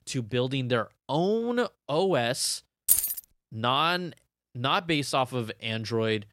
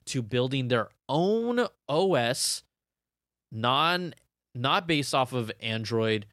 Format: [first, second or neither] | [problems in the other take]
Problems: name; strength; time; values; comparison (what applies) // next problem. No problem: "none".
second | jangling keys; loud; at 3 s; peak 5 dB above the speech